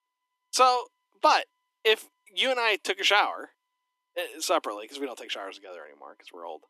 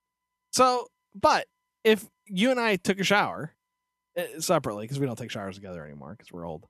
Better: second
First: thin; very; fading below 300 Hz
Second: none

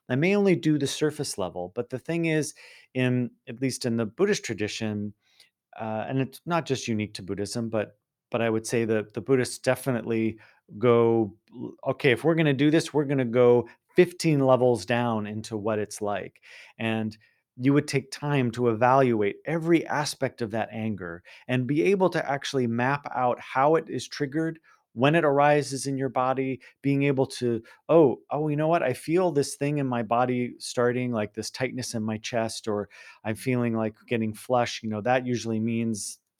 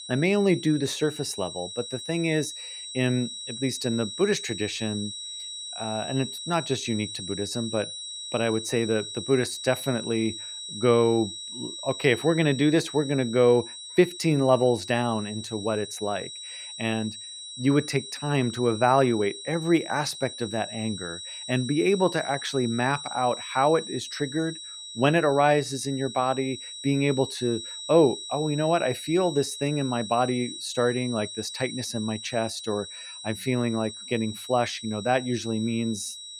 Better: first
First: none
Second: high-pitched whine; loud; throughout; 4 kHz, 10 dB below the speech

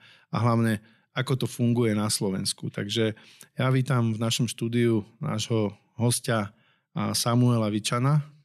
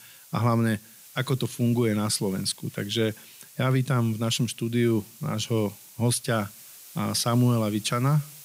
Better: first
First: none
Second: hiss; noticeable; throughout; 20 dB below the speech

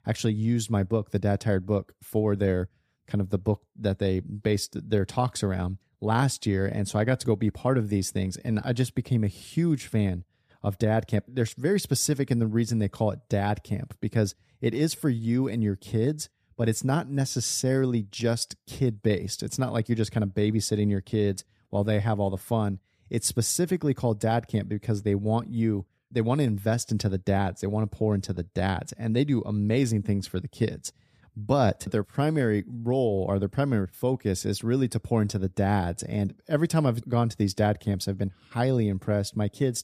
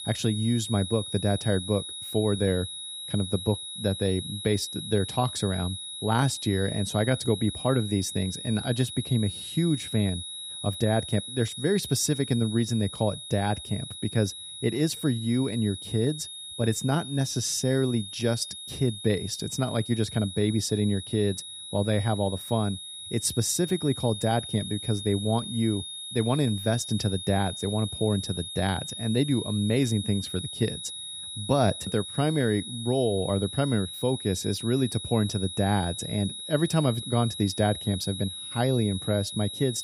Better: first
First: none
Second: high-pitched whine; loud; throughout; 4 kHz, 8 dB below the speech

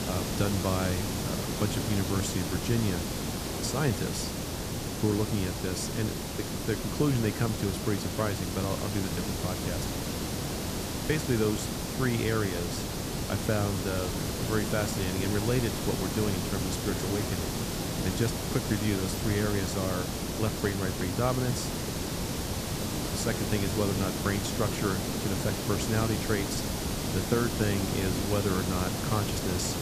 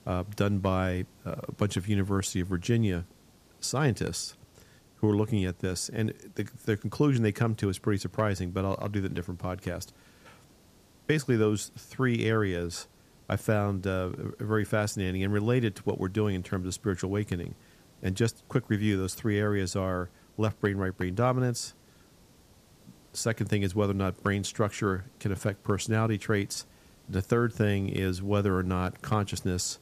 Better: second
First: hiss; loud; throughout; 1 dB below the speech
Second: hiss; faint; throughout; 30 dB below the speech

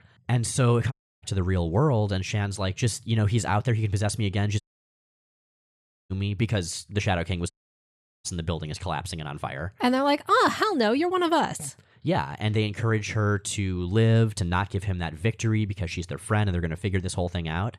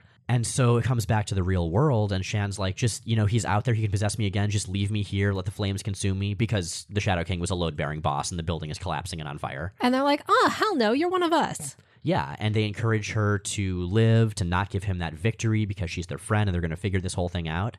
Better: second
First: audio cutting out; at 1 s, at 4.5 s for 1.5 s and at 7.5 s for 0.5 s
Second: none

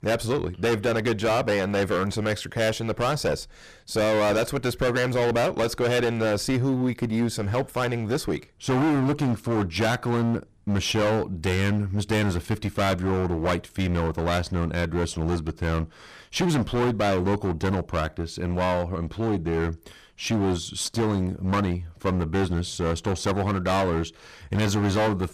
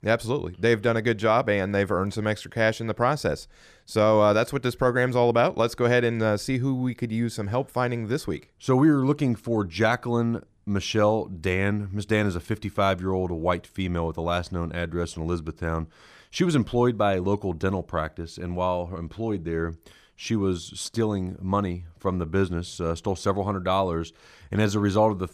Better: second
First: distortion; heavy; 21% of the sound clipped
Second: none

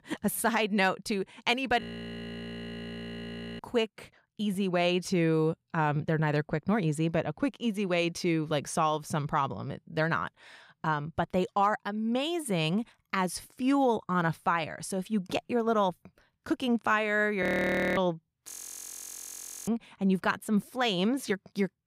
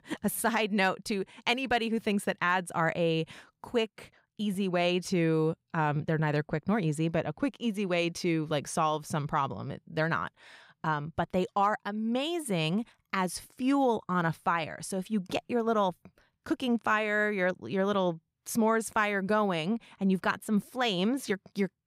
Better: second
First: audio freezing; at 2 s for 2 s, at 17 s for 0.5 s and at 18 s for 1 s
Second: none

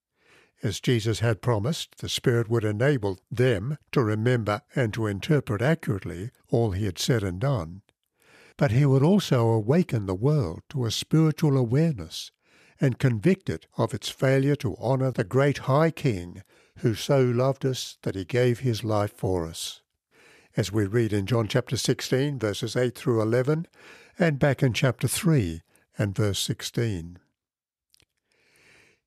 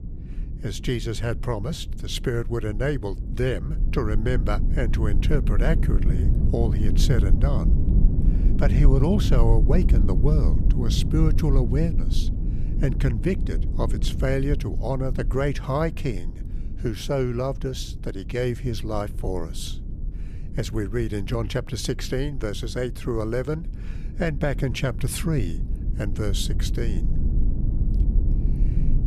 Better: first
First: none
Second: low rumble; noticeable; throughout; 10 dB below the speech

